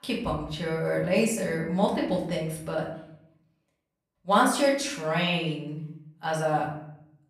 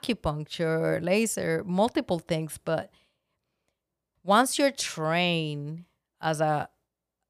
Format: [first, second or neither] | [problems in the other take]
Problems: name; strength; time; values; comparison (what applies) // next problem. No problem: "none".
second | off-mic speech; far // room echo; noticeable; dies away in 0.6 s